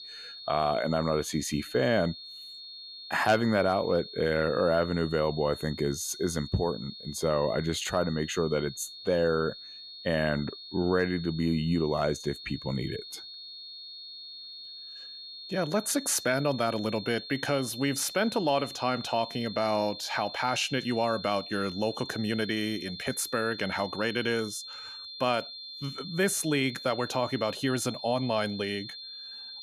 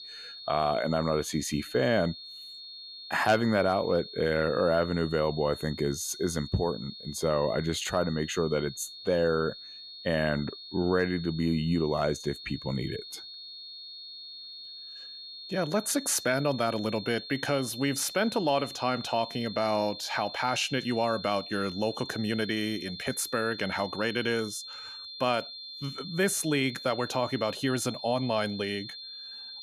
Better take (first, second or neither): neither